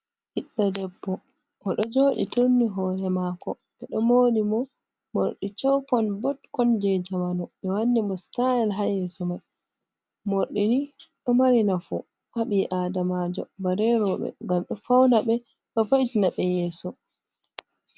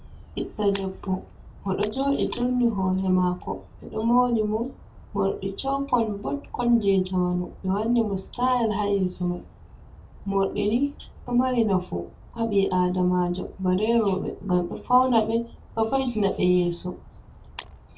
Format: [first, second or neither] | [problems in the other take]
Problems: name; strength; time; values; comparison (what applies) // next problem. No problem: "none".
first | background sound (Bird vocalization, bird call, bird song); 20 dB below the speech // room echo; dies away in 0.2 s